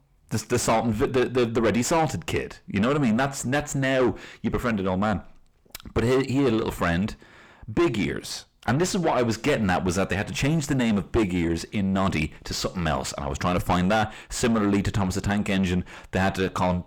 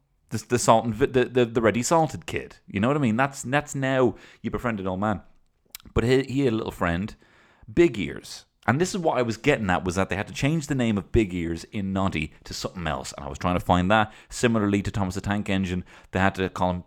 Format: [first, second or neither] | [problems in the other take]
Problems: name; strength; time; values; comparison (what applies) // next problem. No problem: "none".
second | distortion; heavy; 5 dB below the speech